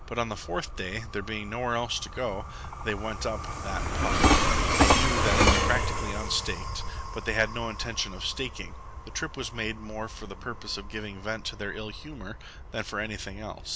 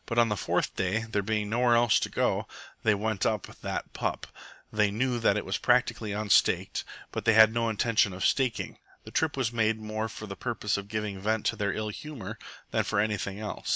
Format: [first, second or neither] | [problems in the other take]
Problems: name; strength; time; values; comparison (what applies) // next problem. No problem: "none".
second | background sound (Train); 4 dB above the speech